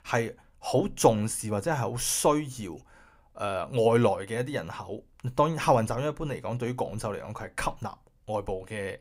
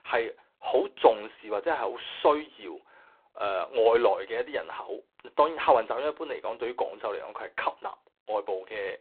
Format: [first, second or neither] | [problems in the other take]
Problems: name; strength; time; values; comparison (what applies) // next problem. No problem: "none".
first | phone-call audio; poor line; nothing above 3.5 kHz